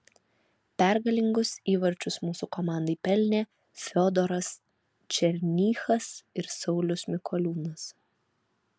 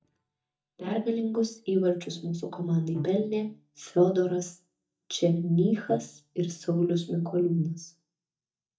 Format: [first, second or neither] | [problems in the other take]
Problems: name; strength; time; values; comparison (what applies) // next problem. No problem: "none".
first | noise reduction (neural mask model DeepFilterNet 3)